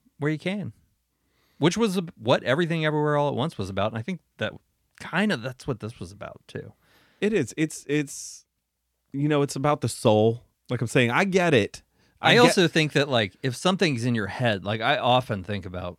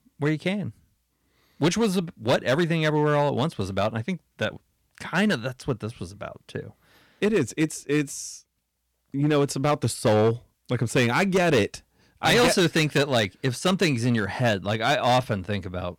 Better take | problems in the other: first | distortion; slight; 5% of the sound clipped

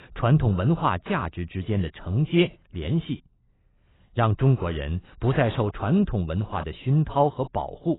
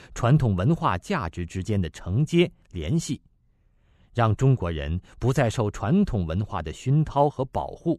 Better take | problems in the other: second | garbled, watery; badly; nothing above 4 kHz

